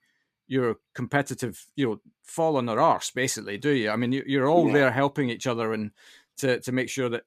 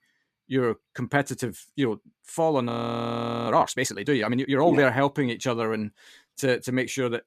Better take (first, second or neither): first